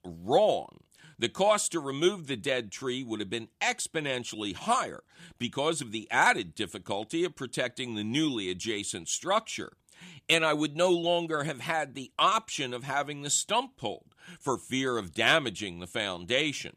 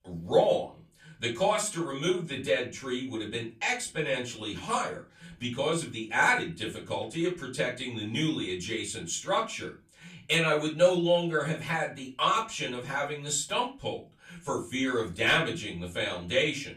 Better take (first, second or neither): first